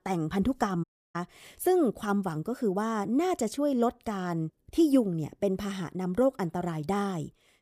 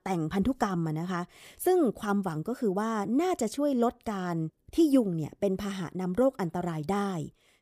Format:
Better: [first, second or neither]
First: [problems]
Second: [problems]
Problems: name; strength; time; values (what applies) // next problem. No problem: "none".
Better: second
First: audio cutting out; at 1 s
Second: none